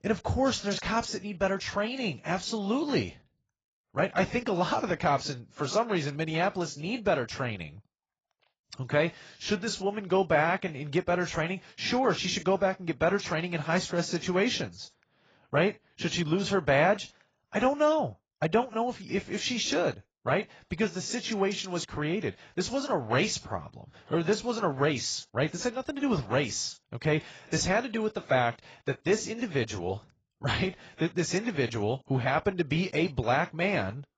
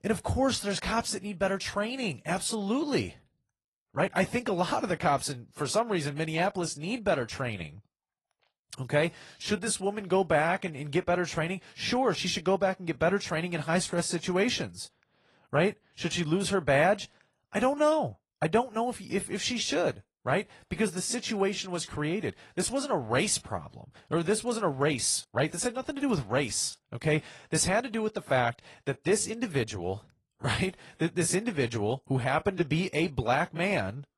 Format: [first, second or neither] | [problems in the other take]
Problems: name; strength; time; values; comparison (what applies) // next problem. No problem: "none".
second | garbled, watery; badly; nothing above 7.5 kHz; slightly in the second